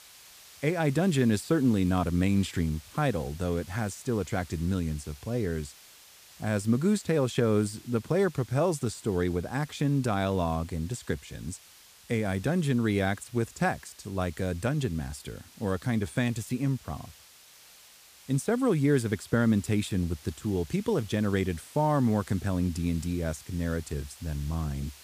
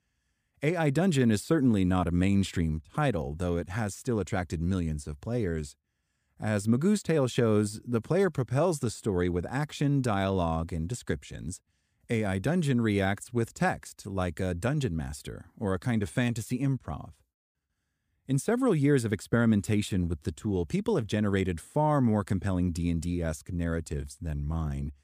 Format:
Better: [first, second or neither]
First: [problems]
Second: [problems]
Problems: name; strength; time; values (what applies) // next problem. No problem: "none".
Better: second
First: hiss; faint; throughout; 20 dB below the speech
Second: none